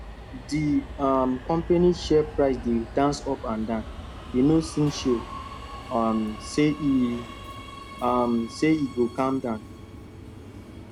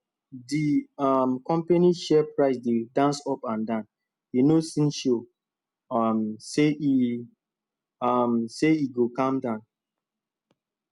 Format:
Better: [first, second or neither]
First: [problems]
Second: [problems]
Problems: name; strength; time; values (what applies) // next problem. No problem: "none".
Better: second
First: background sound (Subway, metro, underground); 13 dB below the speech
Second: none